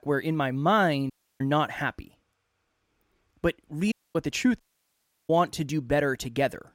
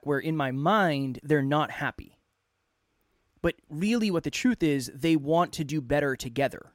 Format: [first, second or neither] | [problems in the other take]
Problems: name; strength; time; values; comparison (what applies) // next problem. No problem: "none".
second | audio cutting out; at 1 s, at 4 s and at 4.5 s for 0.5 s